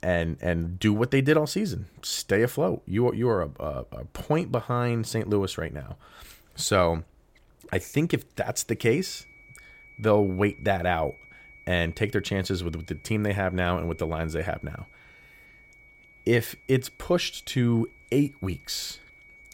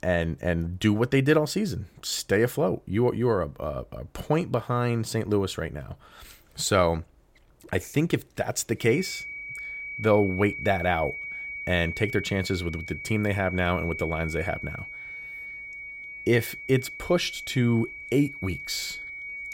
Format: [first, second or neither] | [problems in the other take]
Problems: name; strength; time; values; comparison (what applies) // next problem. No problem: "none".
first | high-pitched whine; loud; from 9 s on; 2.5 kHz, 9 dB below the speech; faint in the first